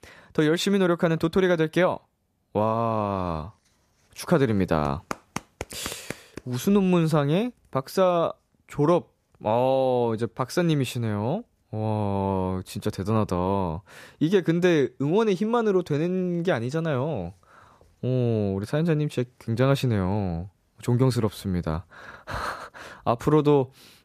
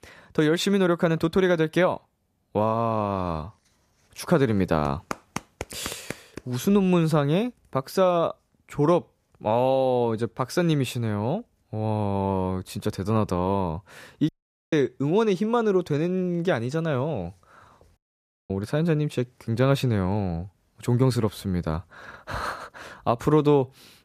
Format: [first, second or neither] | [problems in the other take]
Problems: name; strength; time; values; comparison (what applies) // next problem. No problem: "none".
first | audio cutting out; at 14 s and at 18 s for 0.5 s